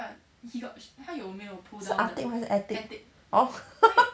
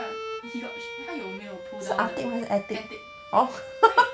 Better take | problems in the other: first | background sound (Bowed string instrument); 11 dB below the speech

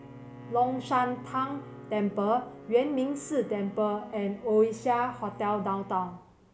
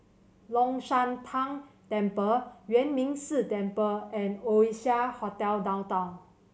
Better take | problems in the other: second | background sound (Alarm / Ocean / Boat, Water vehicle + Bowed string instrument); 17 dB below the speech

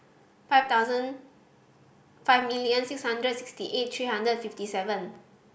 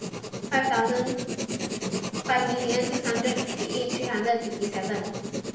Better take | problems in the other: first | background sound (Writing); 3 dB below the speech // room echo; dies away in 0.8 s

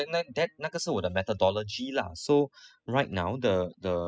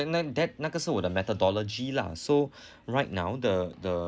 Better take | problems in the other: second | noise reduction (classical method spectral subtraction)

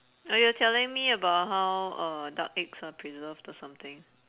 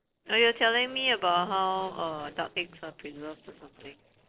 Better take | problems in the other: first | noise reduction (neural separator model SepFormer DNS4)

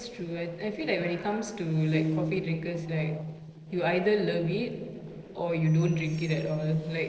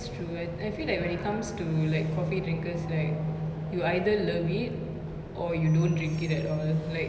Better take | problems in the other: second | noise reduction (neural separator model SepFormer DNS4)

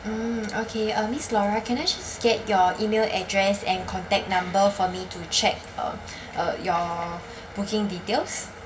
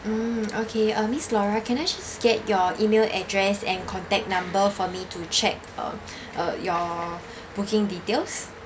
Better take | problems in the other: second | room echo; dies away in 0.8 s

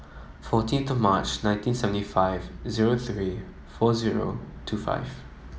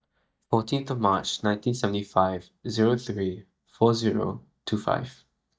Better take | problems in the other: first | noise reduction (neural mask model DeepFilterNet 3)

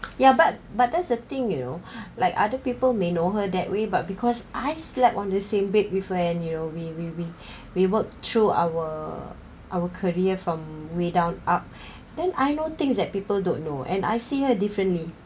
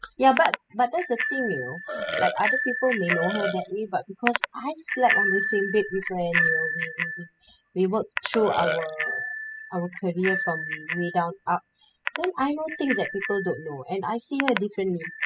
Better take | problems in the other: first | noise reduction (classical method spectral subtraction)

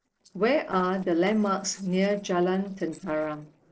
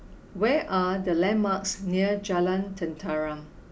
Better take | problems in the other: second | noise reduction (neural separator model SepFormer DNS4)

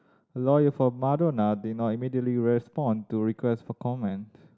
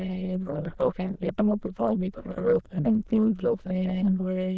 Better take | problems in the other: first | noise reduction (neural diffusion model UNIVERSE++)

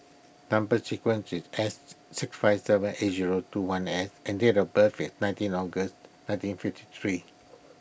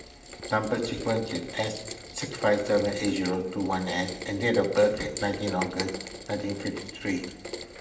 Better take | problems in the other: first | background sound (Rain); 11 dB below the speech // room echo; dies away in 0.9 s

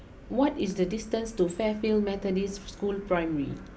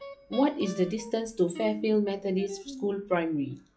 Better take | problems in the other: first | noise reduction (classical method log-MMSE)

